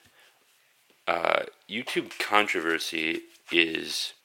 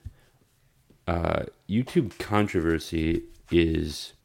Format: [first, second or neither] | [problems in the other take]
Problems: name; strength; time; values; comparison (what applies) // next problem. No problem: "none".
second | thin; very; fading below 600 Hz